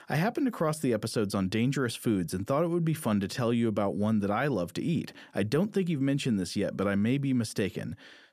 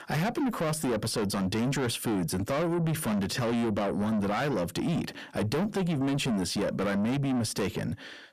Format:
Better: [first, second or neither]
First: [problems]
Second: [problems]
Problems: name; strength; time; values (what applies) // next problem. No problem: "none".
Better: first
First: none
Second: distortion; heavy; 7 dB below the speech